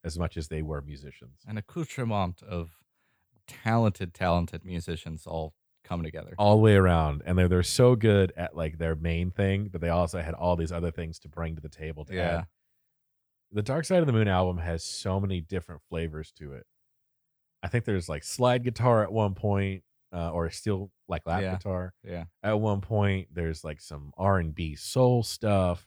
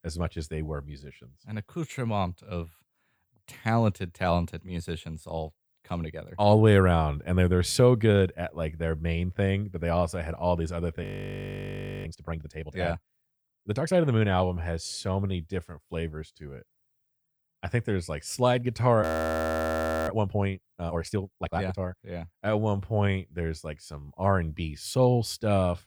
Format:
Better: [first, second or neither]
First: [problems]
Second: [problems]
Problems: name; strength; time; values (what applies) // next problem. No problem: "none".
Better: first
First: none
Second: audio freezing; at 11 s for 1 s and at 19 s for 1 s